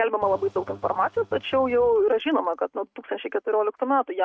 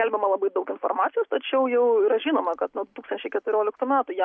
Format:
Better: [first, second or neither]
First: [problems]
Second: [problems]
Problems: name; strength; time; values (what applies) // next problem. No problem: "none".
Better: second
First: noise reduction (neural mask model RNNoise)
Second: none